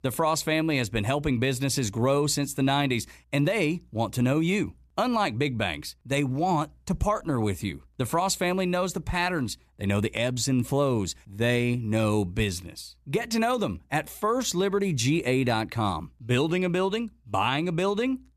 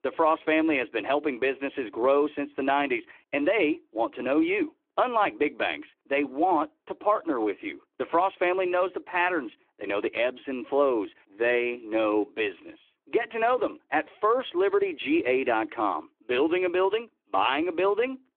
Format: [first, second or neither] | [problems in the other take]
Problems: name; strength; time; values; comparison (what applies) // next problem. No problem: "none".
first | phone-call audio